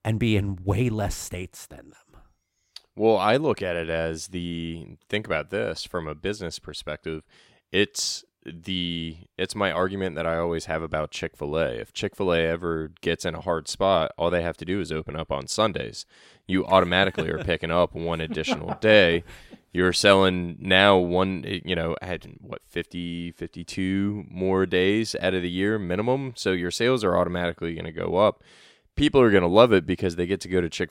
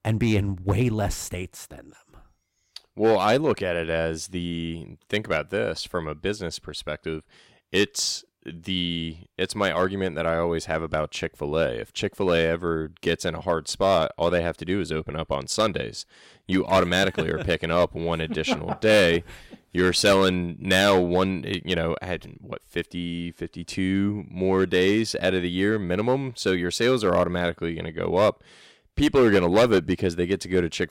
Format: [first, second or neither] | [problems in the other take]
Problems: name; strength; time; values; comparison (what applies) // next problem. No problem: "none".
first | distortion; slight; 2% of the sound clipped